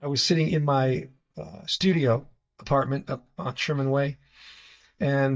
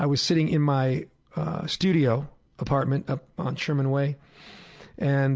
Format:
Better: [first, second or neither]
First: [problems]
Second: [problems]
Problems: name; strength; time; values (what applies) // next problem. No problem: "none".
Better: second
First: noise reduction (neural mask model DeepFilterNet 3)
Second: none